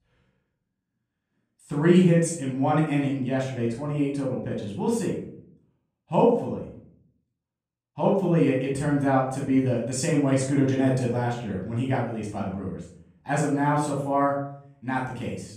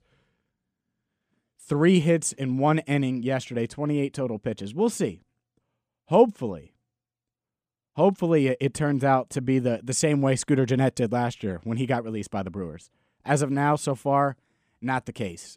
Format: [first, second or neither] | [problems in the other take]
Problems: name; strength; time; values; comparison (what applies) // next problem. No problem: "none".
second | off-mic speech; far // room echo; noticeable; dies away in 0.5 s